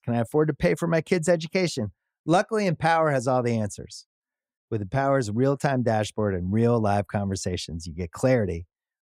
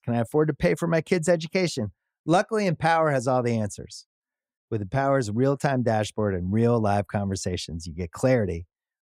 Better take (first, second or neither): neither